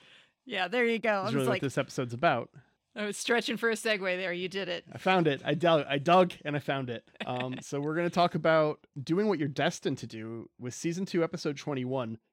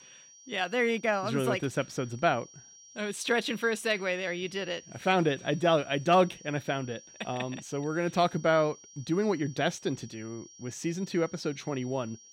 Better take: first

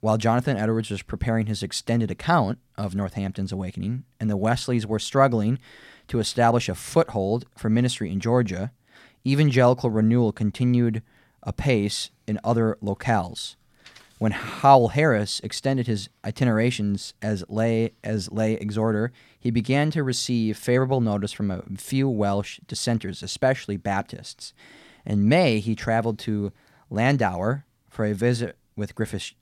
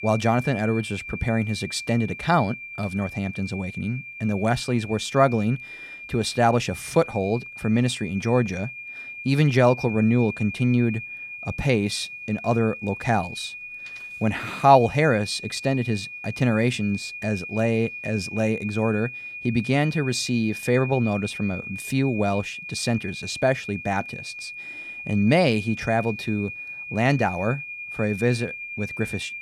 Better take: first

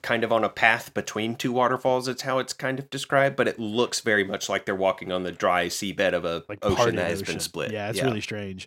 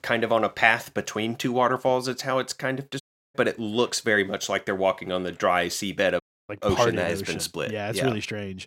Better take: first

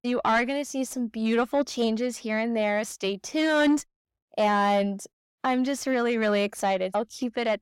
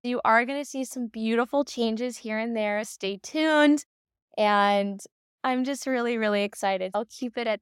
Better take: second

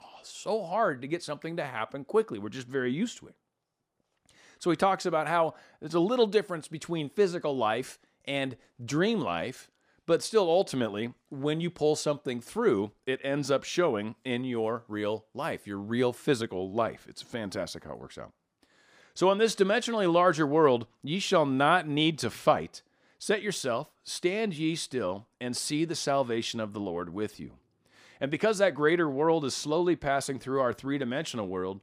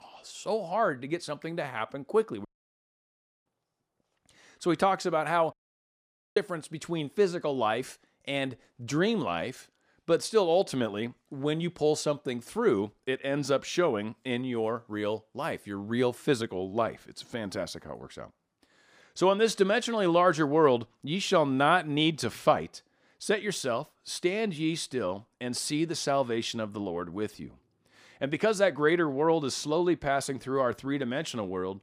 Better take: first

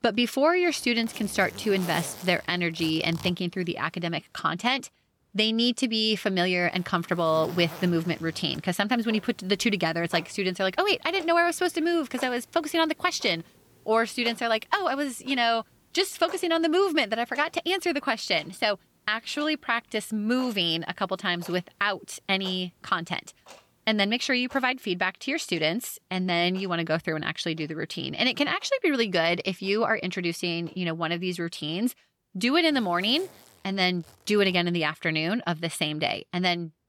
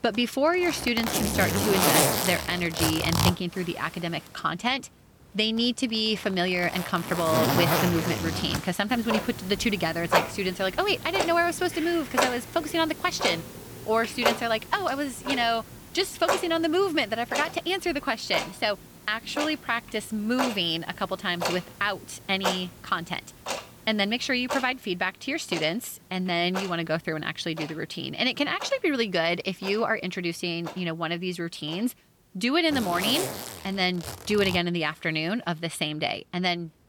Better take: first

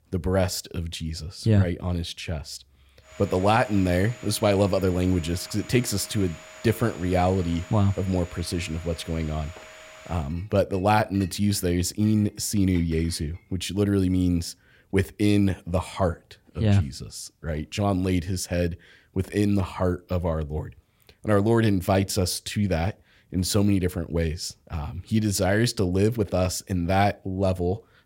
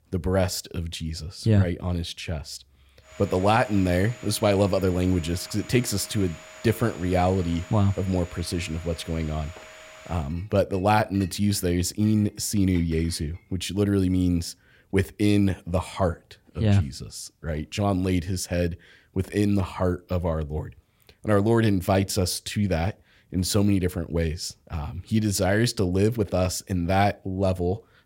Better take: neither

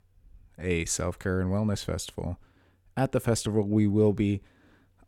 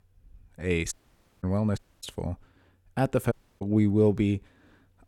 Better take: first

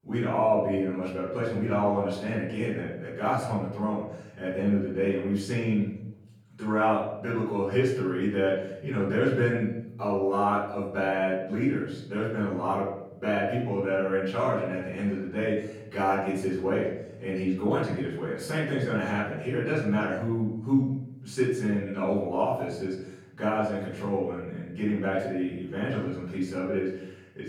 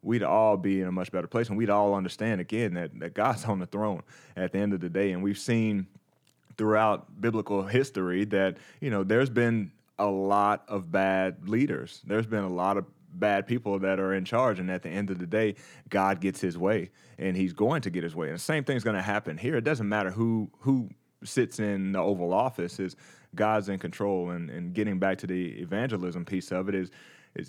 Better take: second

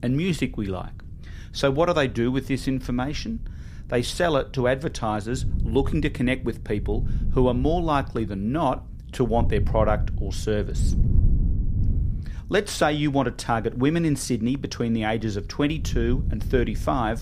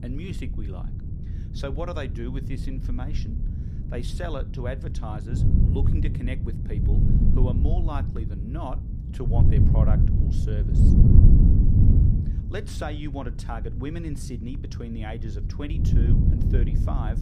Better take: first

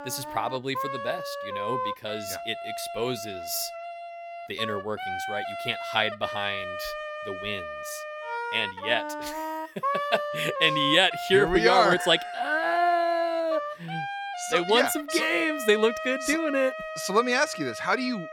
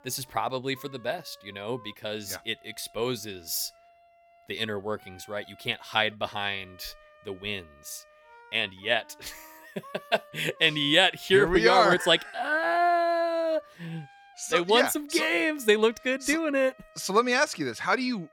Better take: second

